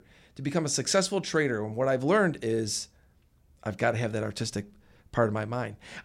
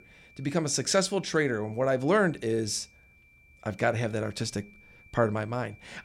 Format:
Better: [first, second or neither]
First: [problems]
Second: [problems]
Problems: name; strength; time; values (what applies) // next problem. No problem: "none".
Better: first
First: none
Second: high-pitched whine; faint; throughout; 2.5 kHz, 25 dB below the speech